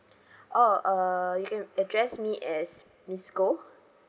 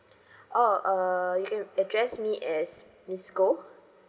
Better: first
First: none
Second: room echo; dies away in 2.3 s

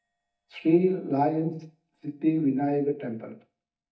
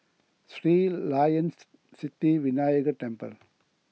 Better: second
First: noise reduction (neural mask model DeepFilterNet 3)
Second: none

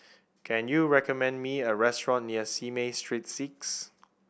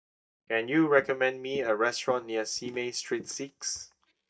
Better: first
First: none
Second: noise reduction (neural mask model DeepFilterNet 3)

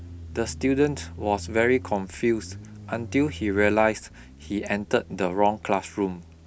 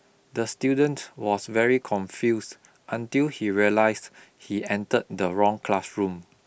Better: second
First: background sound (Motorcycle); 15 dB below the speech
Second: none

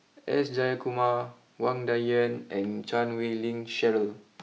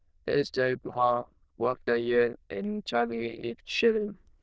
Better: first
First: none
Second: noise reduction (neural diffusion model UNIVERSE++)

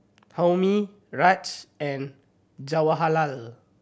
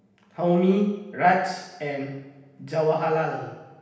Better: first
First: none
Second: room echo; dies away in 0.9 s

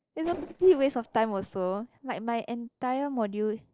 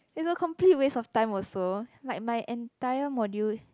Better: second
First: noise reduction (neural separator model SepFormer DNS4)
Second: none

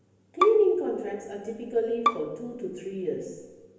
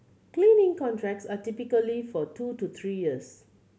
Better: second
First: background sound (Bowed string instrument); 6 dB below the speech // room echo; dies away in 1 s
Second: none

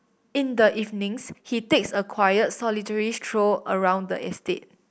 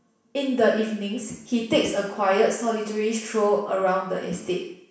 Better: first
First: none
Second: room echo; dies away in 0.7 s

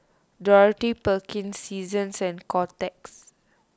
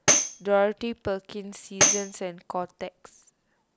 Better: first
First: none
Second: background sound (Tambourine); 3 dB above the speech

